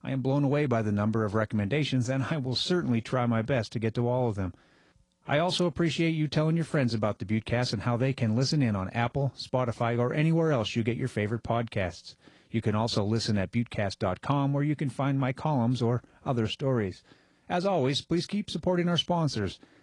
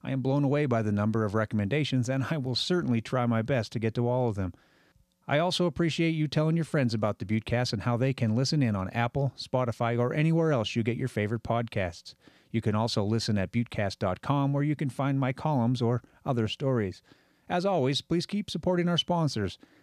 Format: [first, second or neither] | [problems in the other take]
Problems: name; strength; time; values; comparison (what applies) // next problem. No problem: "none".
second | garbled, watery; slightly; nothing above 10 kHz